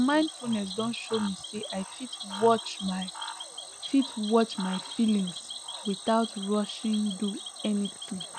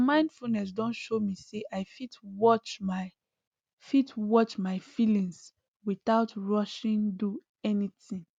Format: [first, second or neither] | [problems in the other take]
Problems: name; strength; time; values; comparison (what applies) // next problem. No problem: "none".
second | background sound (Cricket / Frog); 11 dB below the speech